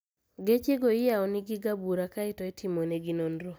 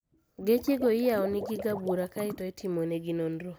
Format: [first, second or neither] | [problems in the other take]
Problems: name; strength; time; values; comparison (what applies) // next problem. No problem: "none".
first | background sound (Water / Liquid); 13 dB below the speech